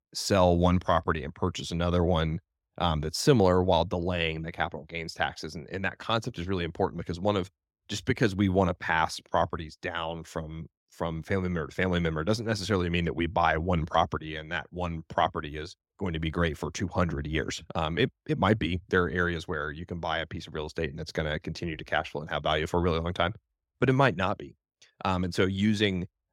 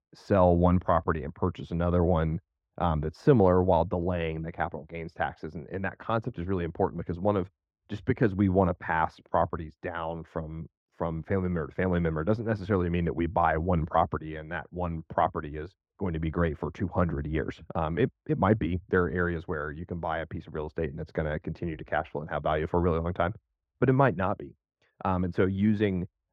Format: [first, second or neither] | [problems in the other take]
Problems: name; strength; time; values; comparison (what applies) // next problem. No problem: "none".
first | muffled; very; fading above 3 kHz